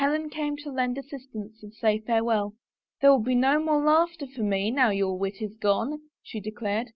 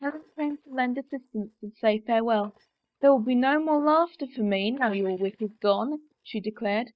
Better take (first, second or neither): first